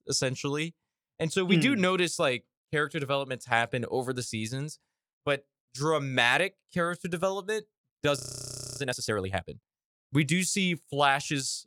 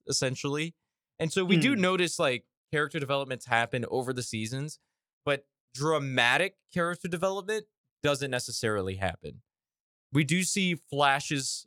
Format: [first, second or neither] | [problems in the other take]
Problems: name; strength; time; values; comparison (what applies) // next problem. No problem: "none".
second | audio freezing; at 8 s for 0.5 s